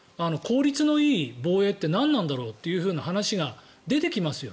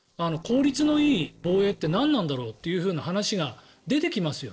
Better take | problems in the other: first | noise reduction (neural separator model SepFormer DNS4)

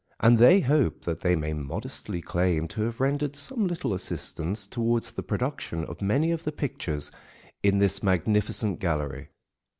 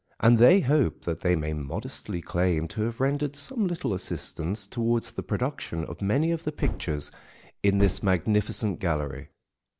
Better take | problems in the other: first | background sound (Gunshot, gunfire); 6 dB below the speech

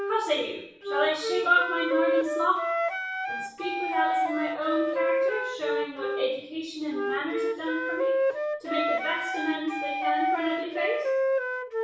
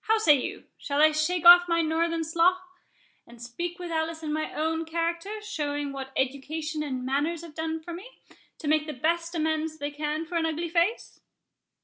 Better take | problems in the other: second | background sound (Wind instrument, woodwind instrument); 1 dB above the speech // room echo; dies away in 0.6 s

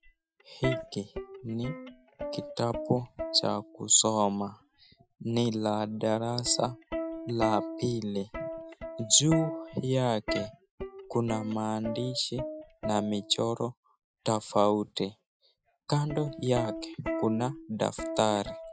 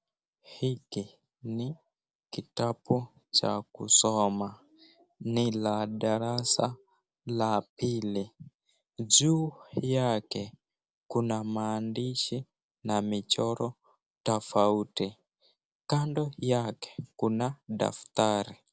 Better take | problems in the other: second | noise reduction (classical method Wiener filter)

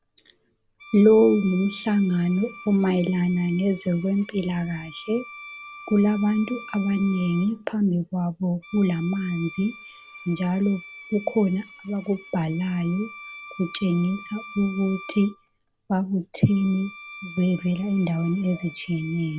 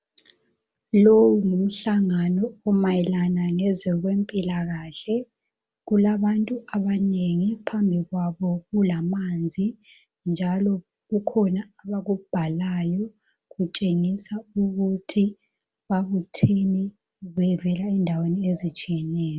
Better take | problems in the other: second | background sound (Bowed string instrument); 19 dB below the speech

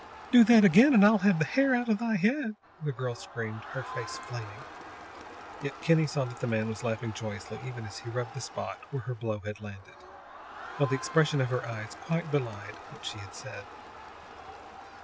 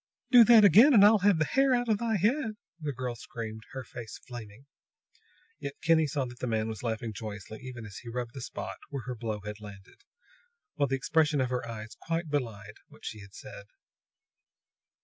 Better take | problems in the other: second | background sound (Crowd); 15 dB below the speech

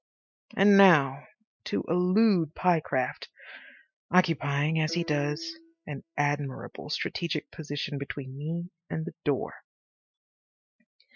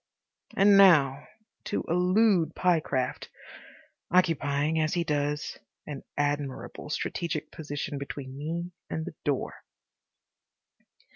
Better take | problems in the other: second | noise reduction (classical method spectral subtraction)

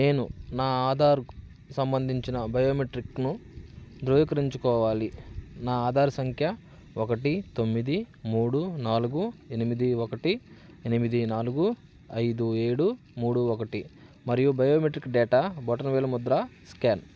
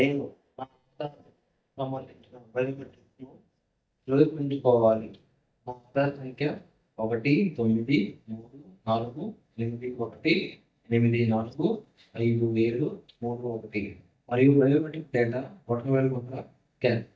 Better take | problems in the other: first | noise reduction (neural mask model DeepFilterNet 3)

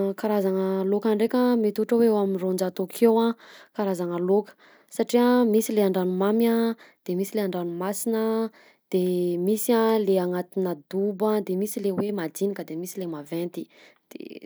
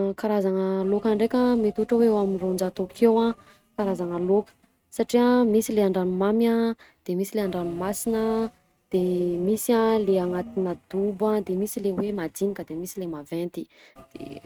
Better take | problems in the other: first | noise reduction (neural mask model RNNoise)

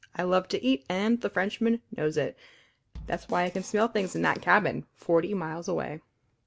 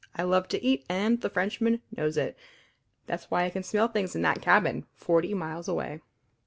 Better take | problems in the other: second | background sound (Drum kit); 18 dB below the speech

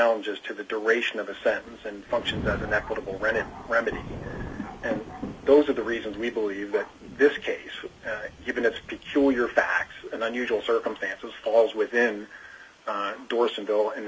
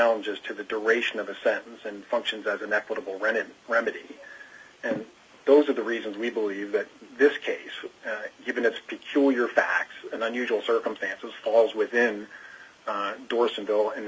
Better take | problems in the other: second | background sound (Thunder); 15 dB below the speech

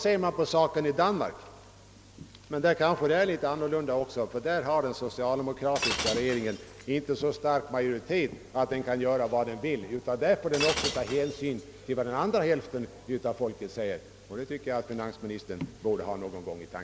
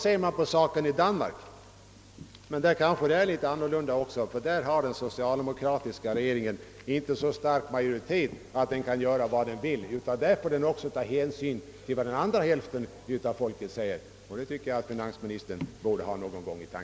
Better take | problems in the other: second | background sound (Shatter); 7 dB below the speech

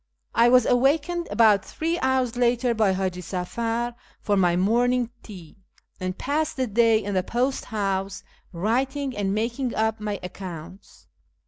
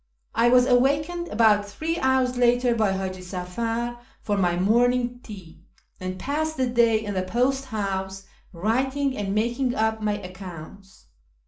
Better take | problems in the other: first | room echo; dies away in 0.4 s

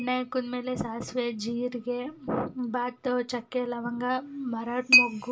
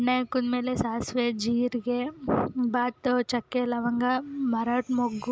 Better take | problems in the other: second | background sound (Chink, clink); 2 dB below the speech // room echo; dies away in 0.2 s

